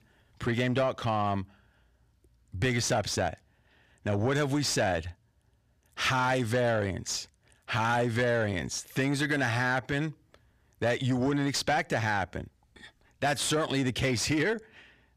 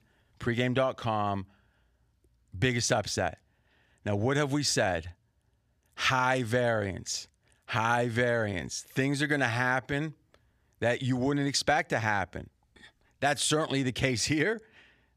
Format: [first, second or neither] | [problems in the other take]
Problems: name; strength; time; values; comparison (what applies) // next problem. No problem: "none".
second | distortion; slight; 10 dB below the speech